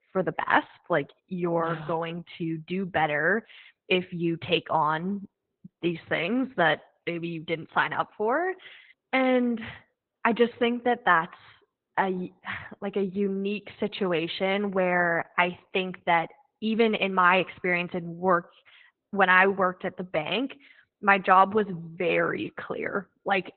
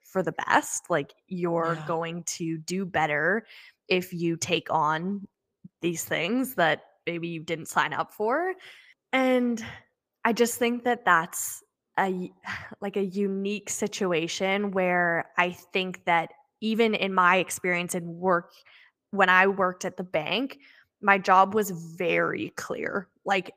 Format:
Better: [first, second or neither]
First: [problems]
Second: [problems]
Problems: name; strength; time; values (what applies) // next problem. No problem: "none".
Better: second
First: garbled, watery; badly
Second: garbled, watery; slightly; nothing above 15 kHz